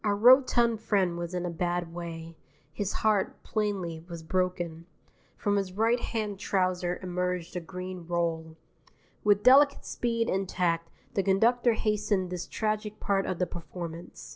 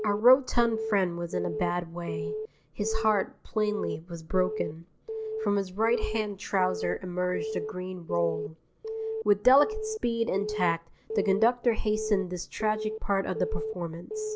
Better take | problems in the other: first | background sound (Alarm / Keyboard (musical)); 7 dB below the speech

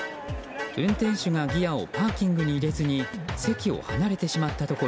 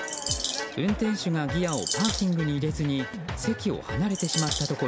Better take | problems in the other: first | background sound (Bird vocalization, bird call, bird song); 4 dB below the speech

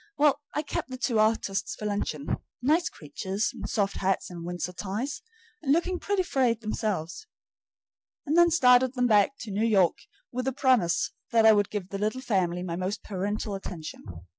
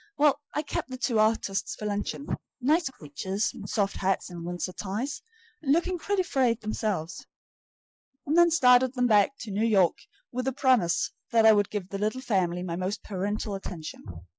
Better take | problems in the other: first | noise reduction (neural mask model Resemble Enhance denoiser)

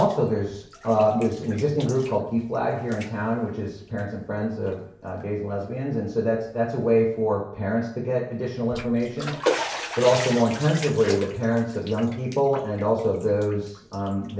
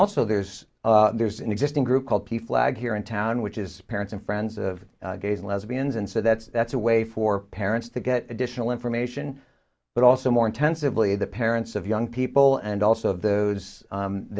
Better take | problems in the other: second | background sound (Bathtub (filling or washing)); 13 dB below the speech // room echo; dies away in 0.6 s

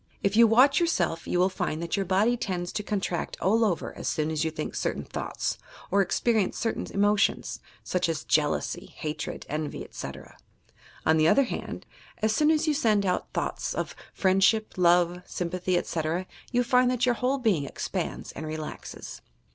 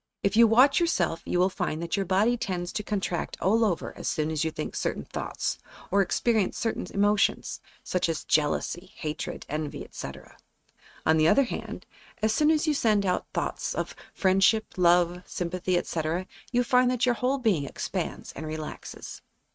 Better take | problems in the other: first | noise reduction (neural mask model RNNoise)

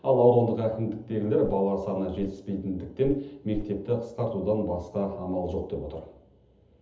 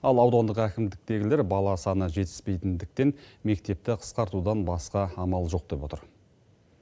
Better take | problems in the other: second | background sound (Walk, footsteps); 16 dB below the speech // room echo; dies away in 0.7 s

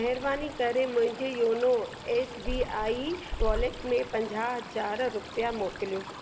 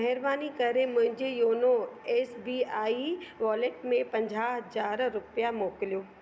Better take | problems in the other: second | background sound (Stream); 8 dB below the speech

